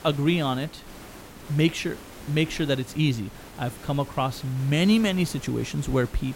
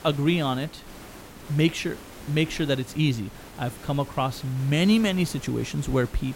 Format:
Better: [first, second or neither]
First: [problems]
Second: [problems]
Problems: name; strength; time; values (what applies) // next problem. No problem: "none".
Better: neither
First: hiss; noticeable; throughout; 15 dB below the speech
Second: hiss; noticeable; throughout; 15 dB below the speech